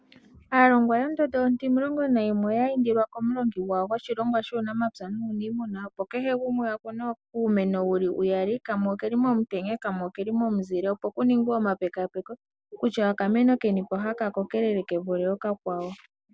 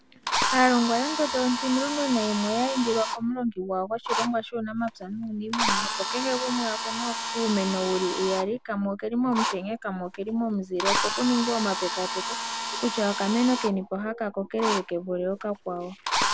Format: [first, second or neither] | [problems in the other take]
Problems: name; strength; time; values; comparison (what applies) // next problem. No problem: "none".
first | background sound (Drill); 4 dB below the speech